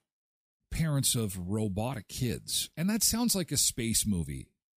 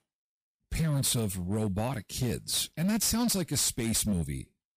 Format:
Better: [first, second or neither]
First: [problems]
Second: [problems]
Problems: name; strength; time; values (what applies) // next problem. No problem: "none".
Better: first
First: none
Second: distortion; slight; 12% of the sound clipped